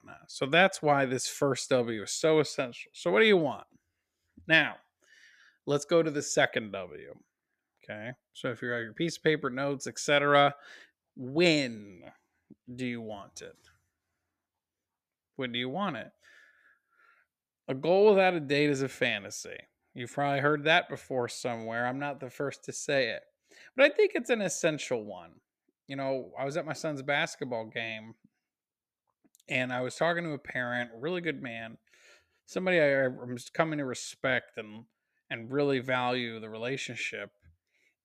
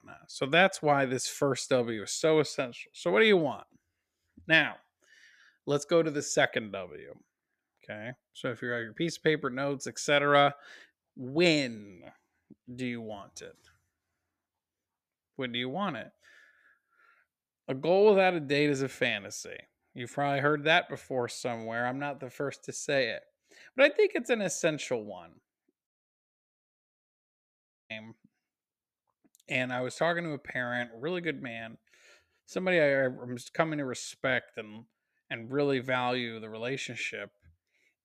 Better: first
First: none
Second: audio cutting out; at 26 s for 2 s

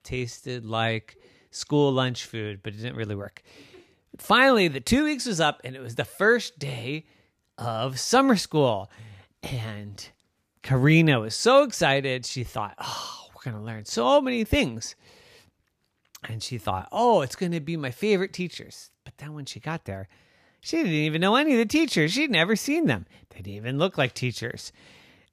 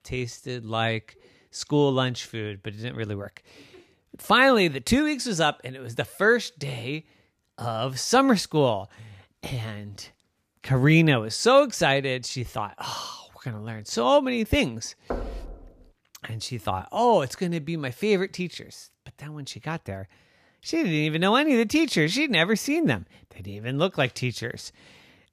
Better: first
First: none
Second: door banging; noticeable; at 15 s; peak 10 dB below the speech

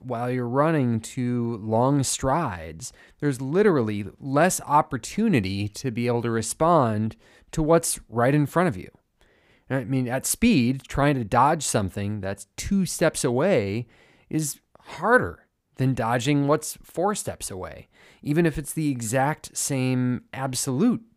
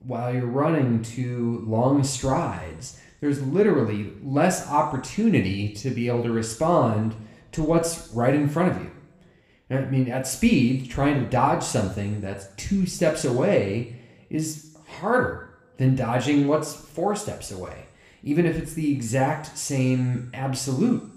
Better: first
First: none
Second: room echo; slight; dies away in 0.7 s // off-mic speech; somewhat distant

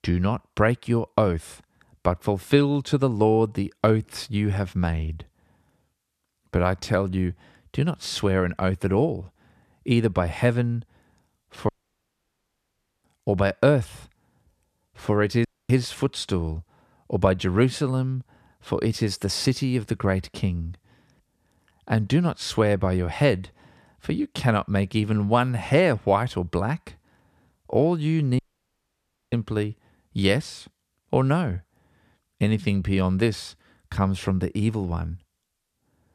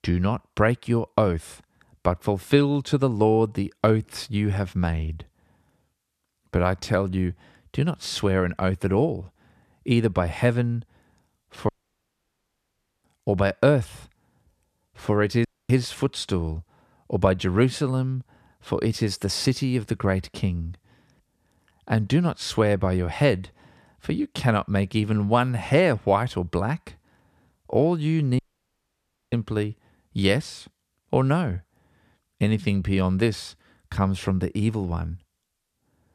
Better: neither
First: audio cutting out; at 12 s for 1.5 s, at 15 s and at 28 s for 1 s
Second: audio cutting out; at 12 s for 1.5 s, at 15 s and at 28 s for 1 s

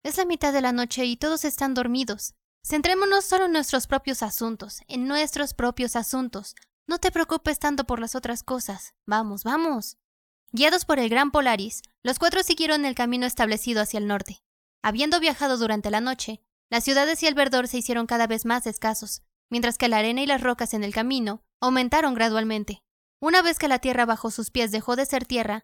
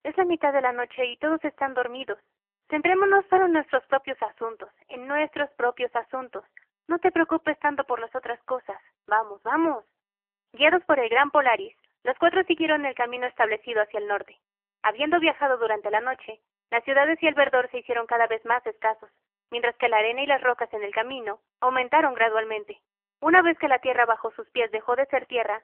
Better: first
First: none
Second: phone-call audio; poor line; nothing above 3 kHz

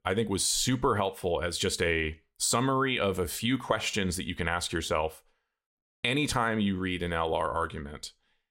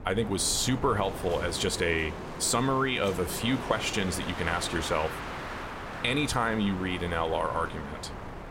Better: first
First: none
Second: wind noise on the microphone; heavy; 9 dB below the speech

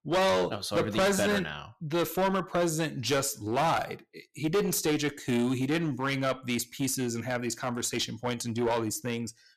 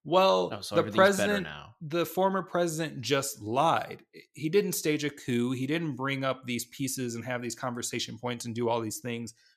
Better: second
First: distortion; heavy; 10% of the sound clipped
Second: none

